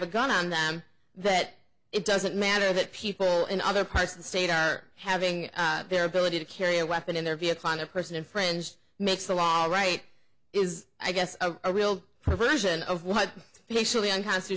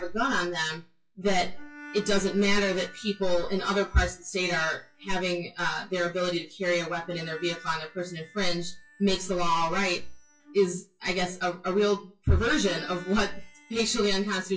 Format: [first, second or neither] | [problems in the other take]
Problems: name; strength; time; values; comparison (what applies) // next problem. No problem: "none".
first | noise reduction (classical method WPE with log-MMSE)